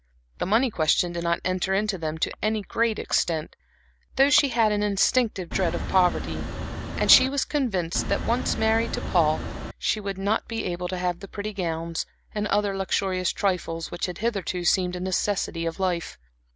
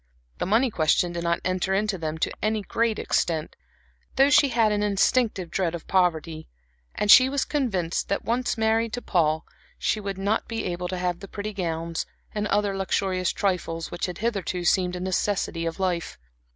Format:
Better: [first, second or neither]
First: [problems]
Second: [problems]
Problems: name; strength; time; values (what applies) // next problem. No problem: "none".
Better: second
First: background sound (Wind); 4 dB below the speech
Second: none